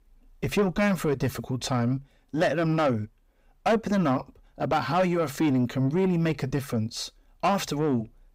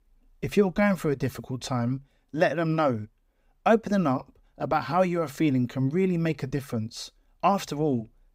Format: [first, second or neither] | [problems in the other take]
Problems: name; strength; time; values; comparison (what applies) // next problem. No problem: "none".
second | distortion; slight; 10 dB below the speech